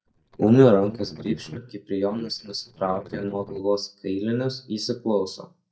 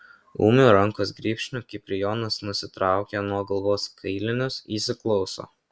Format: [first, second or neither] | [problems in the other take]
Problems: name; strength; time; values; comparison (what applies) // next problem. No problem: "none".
second | noise reduction (neural mask model DeepFilterNet 3)